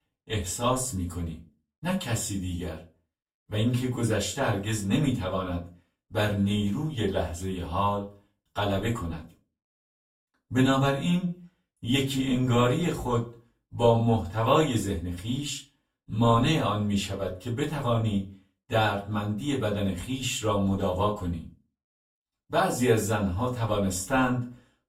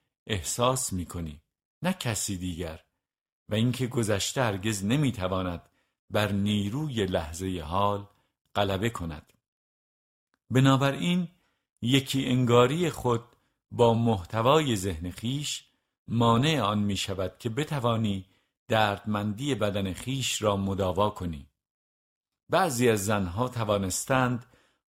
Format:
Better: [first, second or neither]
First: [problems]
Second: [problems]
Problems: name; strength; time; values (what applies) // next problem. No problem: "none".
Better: second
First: off-mic speech; far // room echo; very slight; dies away in 0.2 s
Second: none